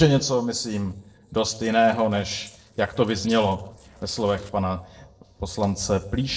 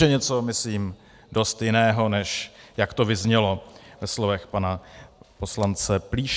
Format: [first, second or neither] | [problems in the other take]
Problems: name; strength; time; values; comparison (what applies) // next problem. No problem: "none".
second | noise reduction (neural separator model SepFormer DNS4)